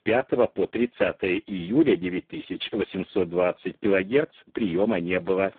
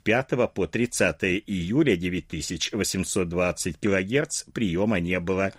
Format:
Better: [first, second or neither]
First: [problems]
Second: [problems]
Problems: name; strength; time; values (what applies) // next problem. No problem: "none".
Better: second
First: phone-call audio; poor line; nothing above 3.5 kHz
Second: none